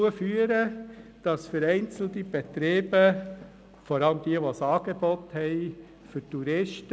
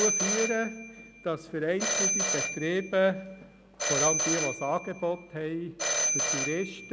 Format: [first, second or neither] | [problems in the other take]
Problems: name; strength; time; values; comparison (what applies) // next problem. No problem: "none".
first | background sound (Telephone); as loud as the speech